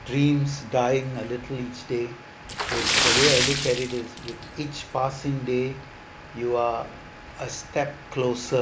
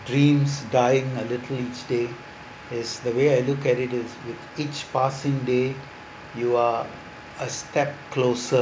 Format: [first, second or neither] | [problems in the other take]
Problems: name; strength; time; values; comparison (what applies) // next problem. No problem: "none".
second | background sound (Splash, splatter); 4 dB below the speech